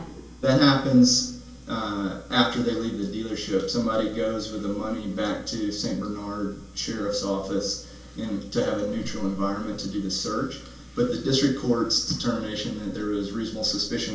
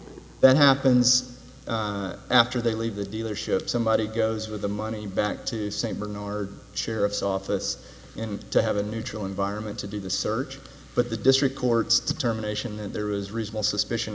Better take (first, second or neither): second